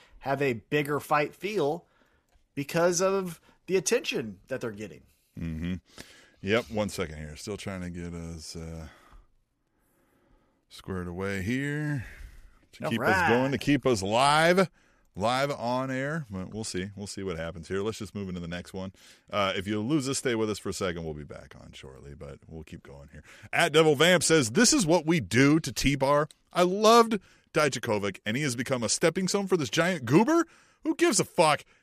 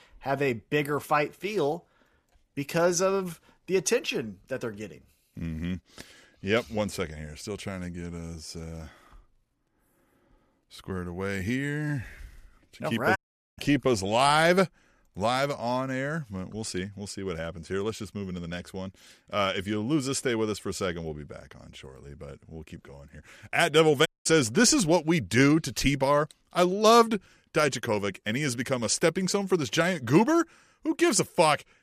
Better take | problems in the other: first | audio cutting out; at 13 s and at 24 s

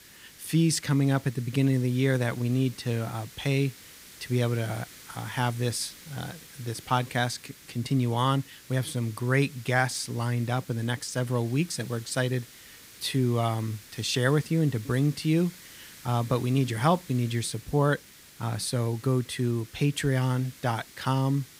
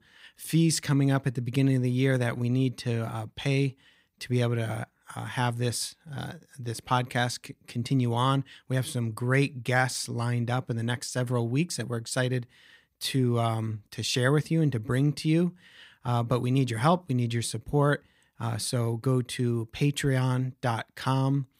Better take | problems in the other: second | hiss; noticeable; throughout; 20 dB below the speech

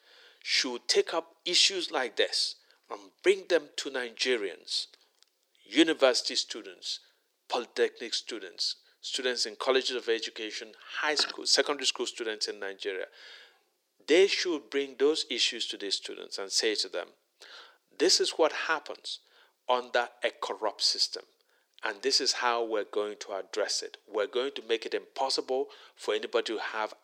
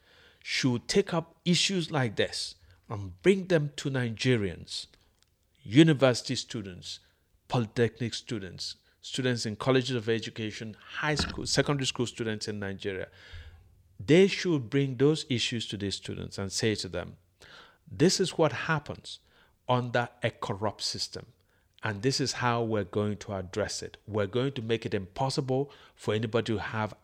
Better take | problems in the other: second | thin; very; fading below 350 Hz

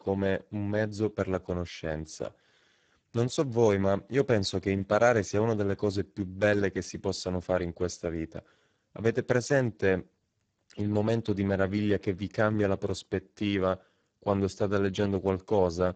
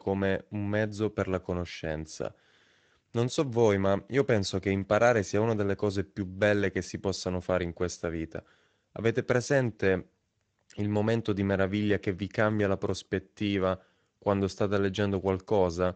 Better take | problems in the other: second | garbled, watery; badly; nothing above 7.5 kHz; slightly in the second

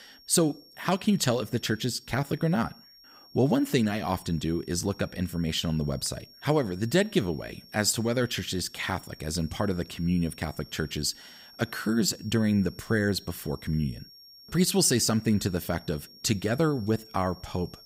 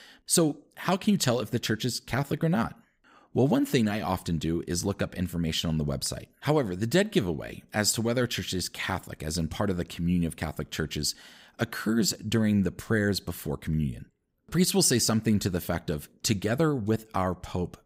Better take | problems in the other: second | high-pitched whine; faint; throughout; 5.5 kHz, 20 dB below the speech

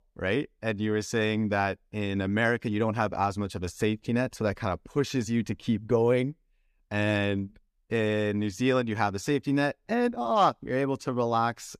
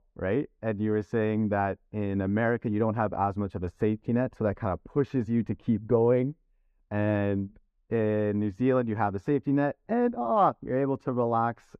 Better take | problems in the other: first | muffled; very; fading above 2.5 kHz

